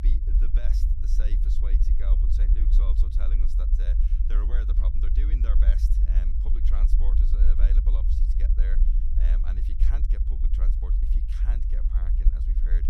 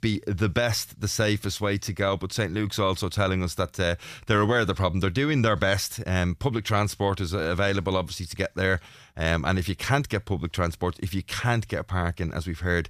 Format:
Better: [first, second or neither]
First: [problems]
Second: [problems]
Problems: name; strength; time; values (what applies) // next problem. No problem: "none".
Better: second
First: low rumble; loud; throughout; as loud as the speech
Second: none